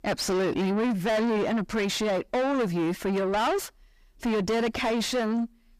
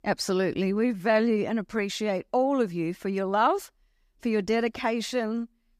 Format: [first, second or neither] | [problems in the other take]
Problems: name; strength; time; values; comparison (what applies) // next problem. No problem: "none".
second | distortion; heavy; 4 dB below the speech